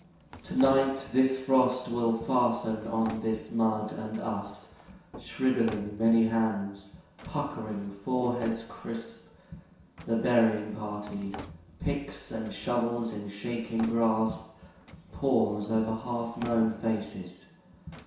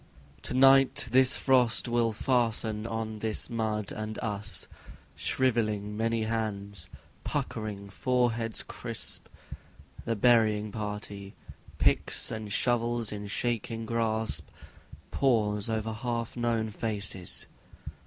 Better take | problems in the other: second | background sound (Drawer open or close); 19 dB below the speech // room echo; dies away in 0.7 s

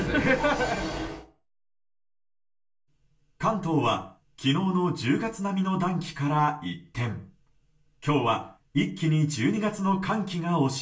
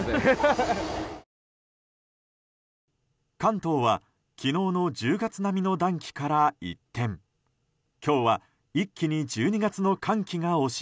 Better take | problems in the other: second | room echo; dies away in 0.3 s

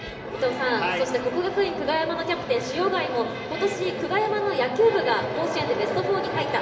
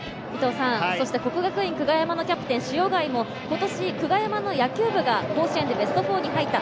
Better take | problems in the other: second | room echo; dies away in 2.3 s

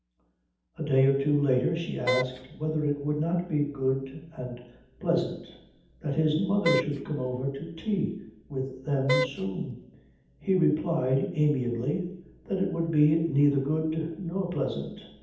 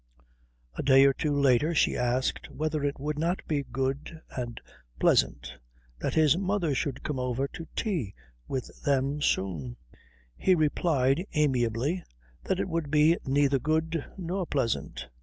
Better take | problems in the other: second | background sound (Wind instrument, woodwind instrument); 3 dB below the speech // room echo; dies away in 0.8 s

